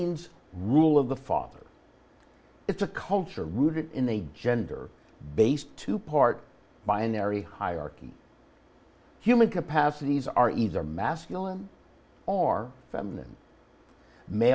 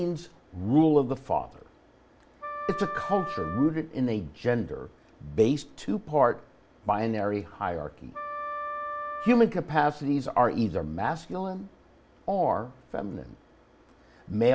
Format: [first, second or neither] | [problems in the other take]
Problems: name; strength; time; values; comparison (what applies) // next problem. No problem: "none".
first | background sound (Wind instrument, woodwind instrument); 9 dB below the speech